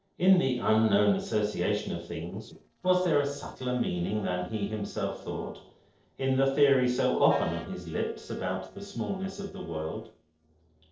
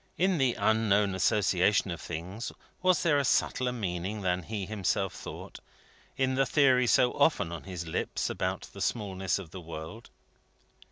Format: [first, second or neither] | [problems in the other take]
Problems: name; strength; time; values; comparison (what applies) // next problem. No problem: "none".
second | noise reduction (neural separator model SepFormer DNS4)